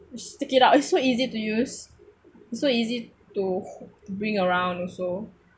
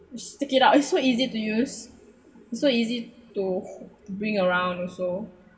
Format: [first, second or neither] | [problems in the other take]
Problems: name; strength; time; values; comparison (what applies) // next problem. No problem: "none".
first | room echo; dies away in 0.3 s